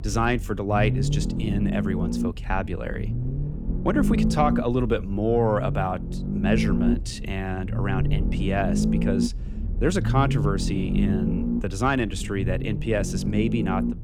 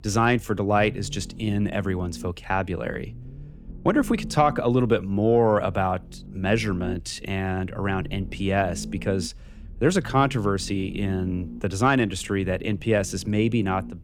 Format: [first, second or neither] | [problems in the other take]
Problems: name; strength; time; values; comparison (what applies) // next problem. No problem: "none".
second | low rumble; loud; throughout; 6 dB below the speech; faint in the second